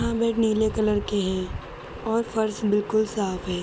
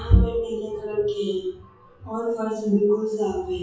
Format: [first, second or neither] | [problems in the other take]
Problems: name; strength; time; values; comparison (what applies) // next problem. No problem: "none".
first | noise reduction (classical method WPE with log-MMSE)